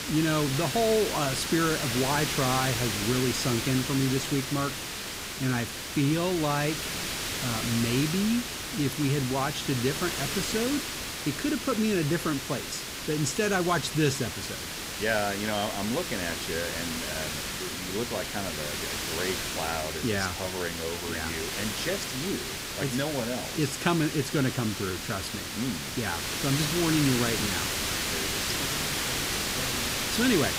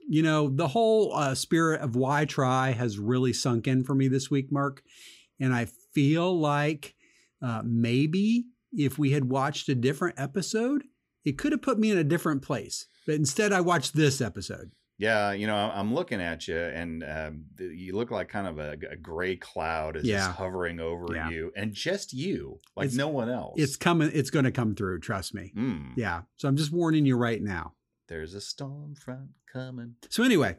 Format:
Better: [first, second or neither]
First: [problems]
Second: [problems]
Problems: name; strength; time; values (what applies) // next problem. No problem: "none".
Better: second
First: hiss; loud; throughout; 1 dB below the speech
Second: none